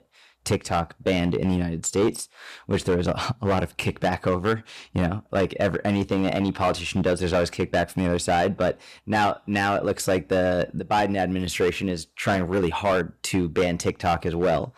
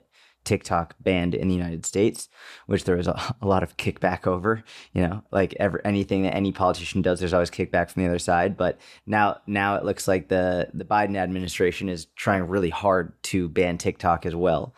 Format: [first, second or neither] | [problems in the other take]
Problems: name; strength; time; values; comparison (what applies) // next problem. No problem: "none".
second | distortion; slight; 8% of the sound clipped